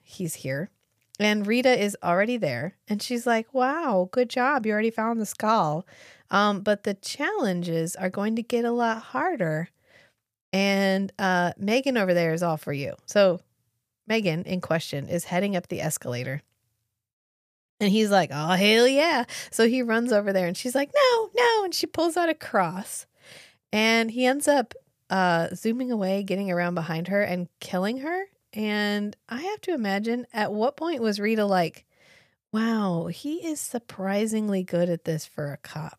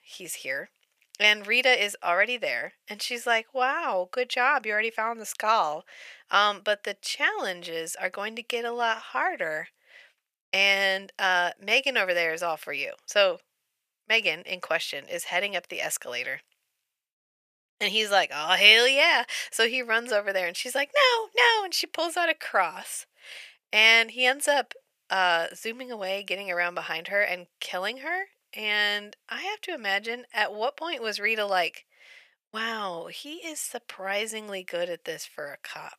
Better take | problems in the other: first | thin; very; fading below 600 Hz

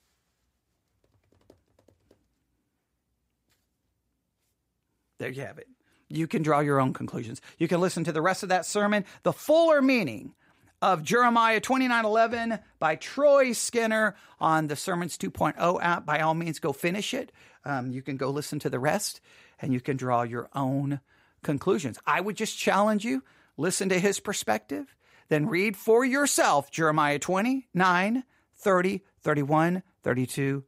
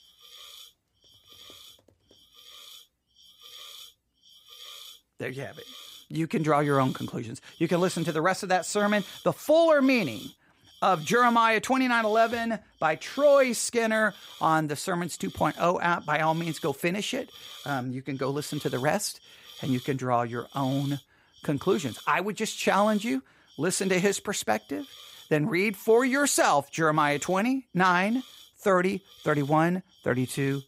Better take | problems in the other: first | hiss; faint; throughout; 20 dB below the speech

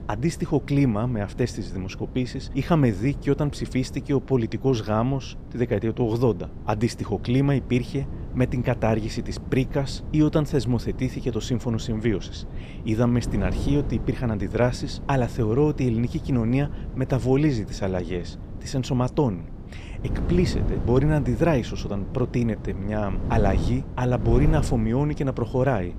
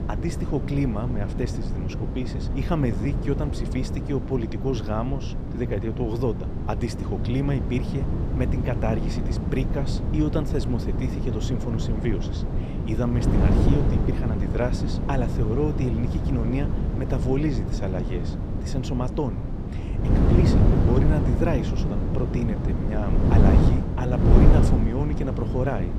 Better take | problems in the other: first | wind noise on the microphone; heavy; 2 dB below the speech; occasional gusts in the first

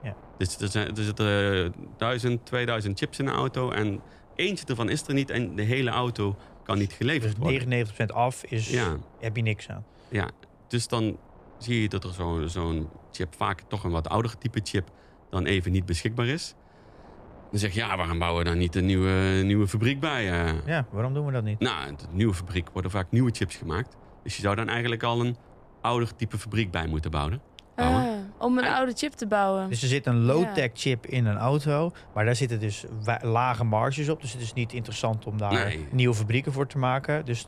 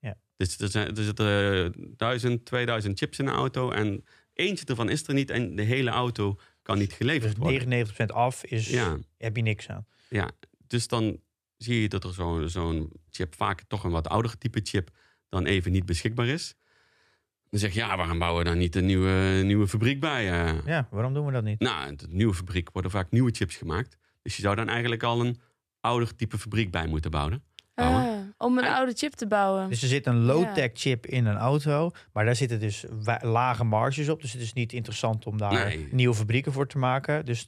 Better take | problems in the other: second | wind noise on the microphone; occasional gusts; 25 dB below the speech

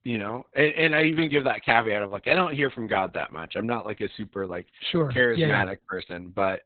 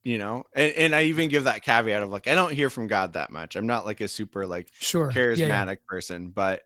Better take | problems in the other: second | garbled, watery; badly; nothing above 4 kHz; slightly in the second

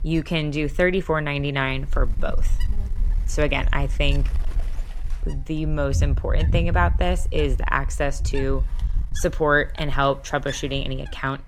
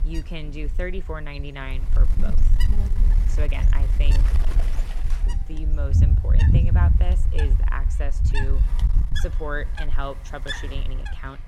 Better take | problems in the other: first | wind noise on the microphone; heavy; 2 dB below the speech; occasional gusts in the first

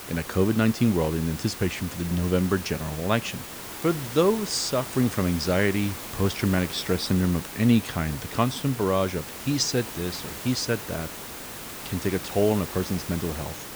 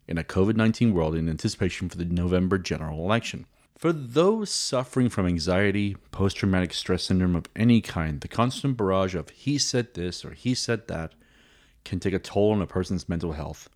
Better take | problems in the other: second | hiss; loud; throughout; 10 dB below the speech

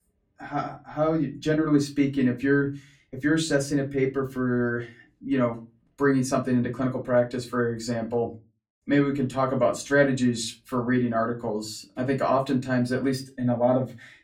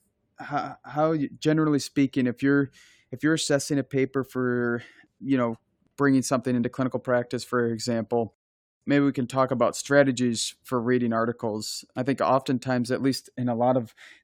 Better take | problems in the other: second | off-mic speech; far // room echo; very slight; dies away in 0.2 s

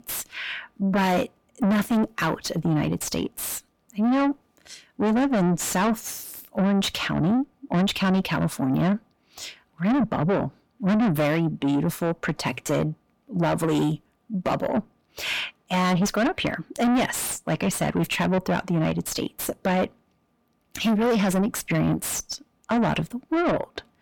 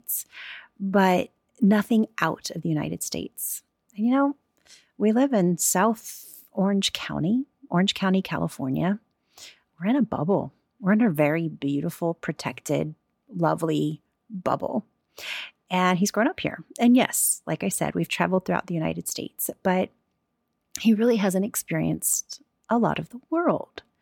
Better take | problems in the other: second | distortion; heavy; 6 dB below the speech

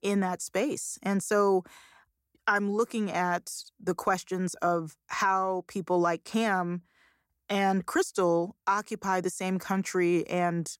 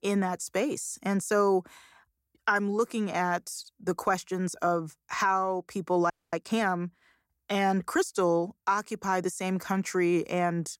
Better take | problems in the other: first | audio freezing; at 6 s

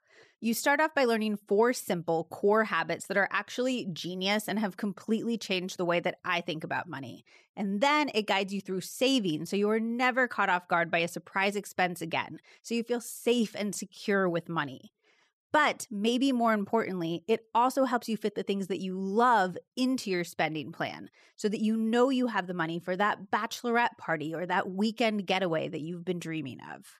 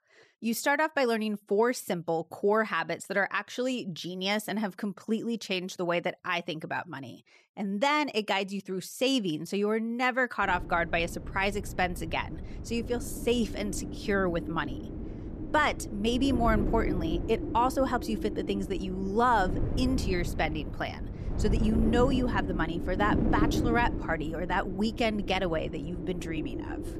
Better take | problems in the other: first | wind noise on the microphone; occasional gusts; from 10 s on; 10 dB below the speech

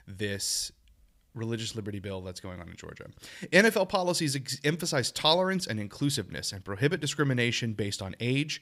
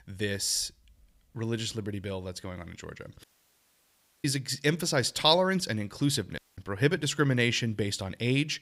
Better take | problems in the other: first | audio cutting out; at 3 s for 1 s and at 6.5 s

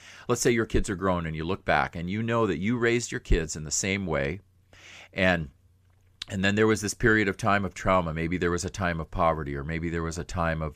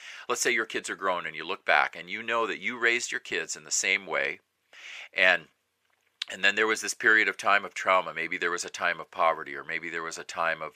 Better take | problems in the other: first | thin; very; fading below 500 Hz

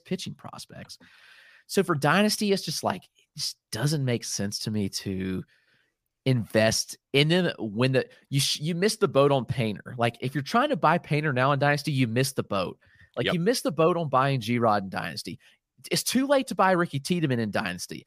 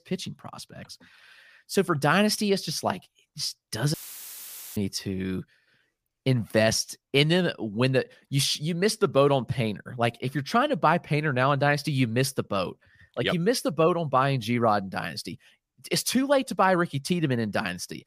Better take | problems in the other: first | audio cutting out; filled with static; at 4 s for 1 s

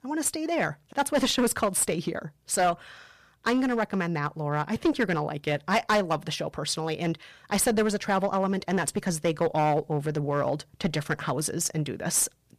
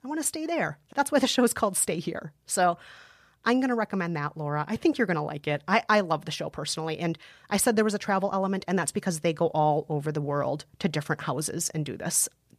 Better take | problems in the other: second | distortion; slight; 5% of the sound clipped

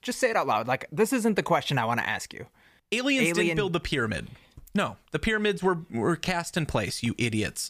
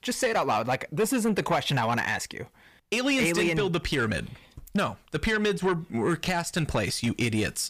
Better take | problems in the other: first | distortion; slight; 10 dB below the speech

